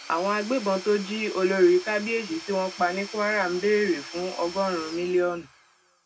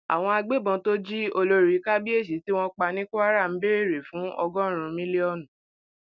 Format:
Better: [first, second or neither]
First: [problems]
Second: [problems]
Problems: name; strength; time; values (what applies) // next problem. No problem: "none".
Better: second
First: background sound (Tools / Domestic sounds, home sounds); 16 dB below the speech // room echo; dies away in 0.2 s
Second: none